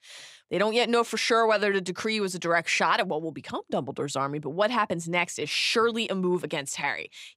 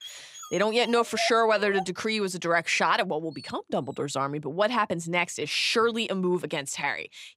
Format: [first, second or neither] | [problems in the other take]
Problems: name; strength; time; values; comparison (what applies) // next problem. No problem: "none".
first | dog barking; noticeable; until 3.5 s; peak 7 dB below the speech